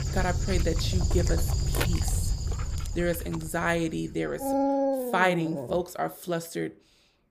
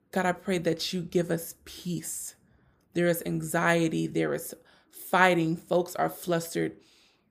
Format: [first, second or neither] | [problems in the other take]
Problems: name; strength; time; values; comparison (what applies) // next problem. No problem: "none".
second | animal sounds; very loud; throughout; as loud as the speech